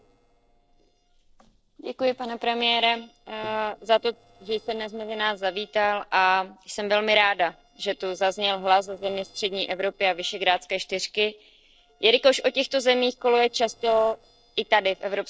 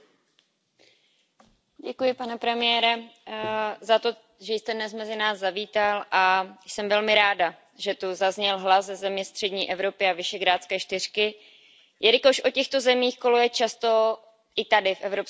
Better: second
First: noise reduction (neural separator model SepFormer DNS4)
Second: none

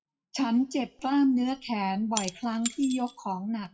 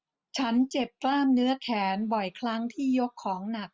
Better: second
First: noise reduction (classical method WPE with log-MMSE)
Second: none

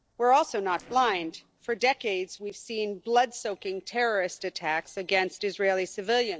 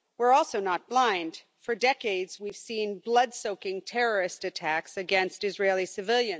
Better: second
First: noise reduction (neural separator model SepFormer DNS4)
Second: none

